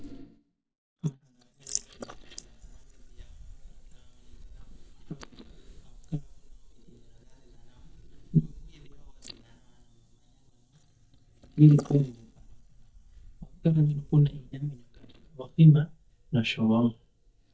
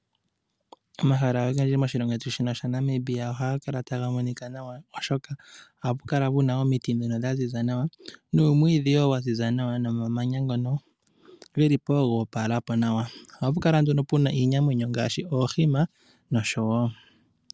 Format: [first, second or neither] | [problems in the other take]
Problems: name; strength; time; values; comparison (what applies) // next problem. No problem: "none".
second | noise reduction (neural mask model DeepFilterNet 3)